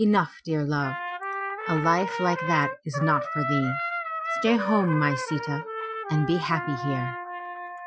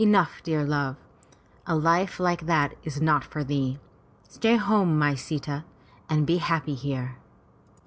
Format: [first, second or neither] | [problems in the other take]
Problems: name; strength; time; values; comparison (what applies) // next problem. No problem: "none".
second | noise reduction (classical method Wiener filter)